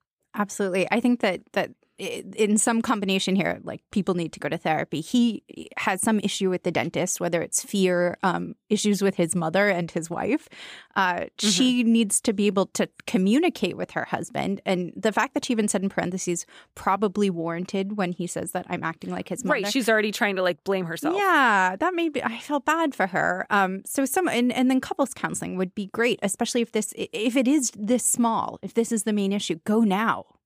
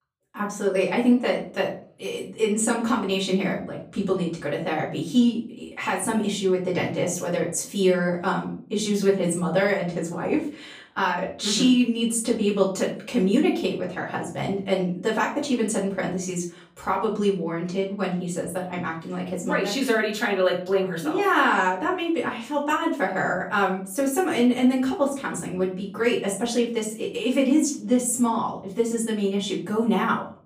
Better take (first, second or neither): first